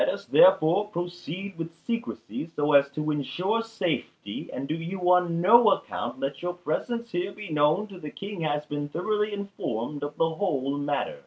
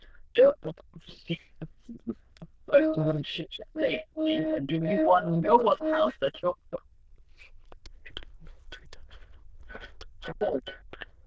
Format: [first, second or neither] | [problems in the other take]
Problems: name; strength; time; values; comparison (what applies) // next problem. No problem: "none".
first | noise reduction (neural diffusion model UNIVERSE++)